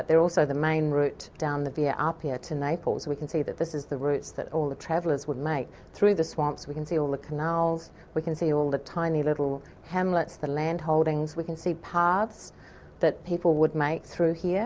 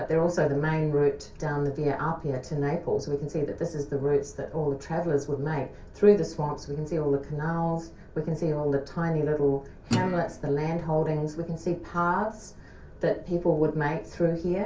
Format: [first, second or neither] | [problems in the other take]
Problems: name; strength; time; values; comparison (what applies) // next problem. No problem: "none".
first | background sound (Guitar); 7 dB below the speech // room echo; dies away in 0.3 s